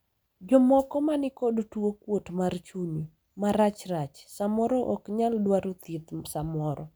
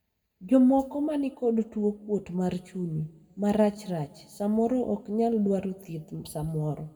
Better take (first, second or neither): first